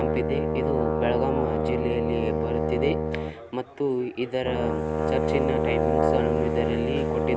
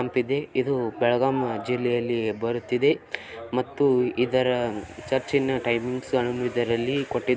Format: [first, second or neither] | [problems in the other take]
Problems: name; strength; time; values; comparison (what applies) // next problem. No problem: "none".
second | background sound (Brass instrument); 4 dB above the speech